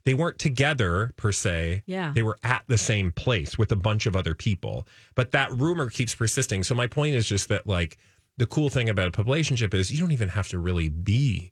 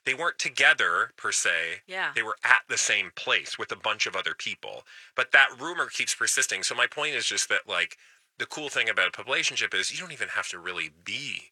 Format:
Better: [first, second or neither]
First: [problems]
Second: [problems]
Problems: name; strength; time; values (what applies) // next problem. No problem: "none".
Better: first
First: none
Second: thin; very; fading below 800 Hz